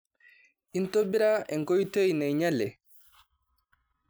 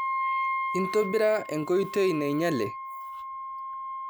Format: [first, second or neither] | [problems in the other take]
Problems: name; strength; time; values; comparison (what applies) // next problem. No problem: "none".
first | background sound (Wind instrument, woodwind instrument); 4 dB below the speech